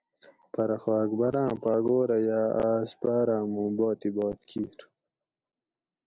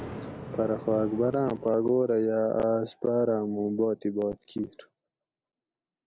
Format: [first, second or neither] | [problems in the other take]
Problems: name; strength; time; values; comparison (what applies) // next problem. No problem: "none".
first | background sound (Thunder); 17 dB below the speech